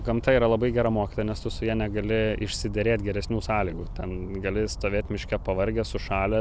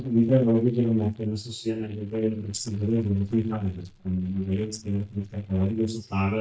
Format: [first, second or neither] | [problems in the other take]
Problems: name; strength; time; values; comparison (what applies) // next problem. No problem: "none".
first | noise reduction (neural mask model DeepFilterNet 3)